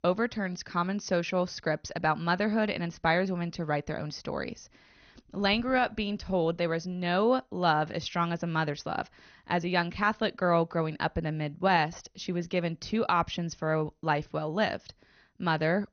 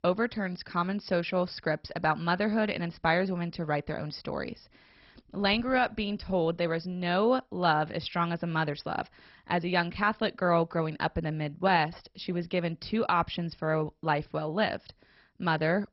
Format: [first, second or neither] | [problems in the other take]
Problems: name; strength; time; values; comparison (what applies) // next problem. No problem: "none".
first | garbled, watery; badly; nothing above 5.5 kHz; slightly in the first